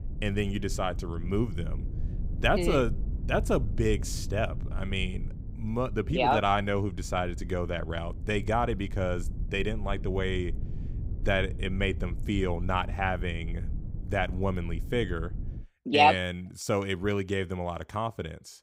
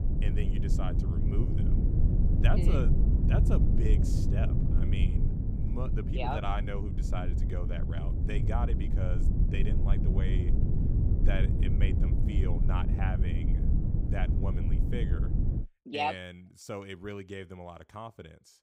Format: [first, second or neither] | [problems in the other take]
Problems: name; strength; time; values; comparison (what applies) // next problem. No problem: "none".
first | low rumble; loud; until 16 s; 3 dB below the speech; faint in the first